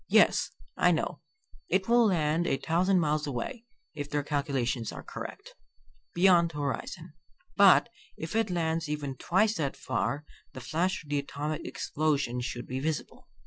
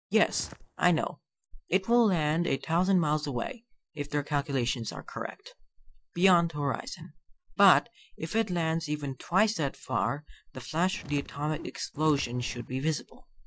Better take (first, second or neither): first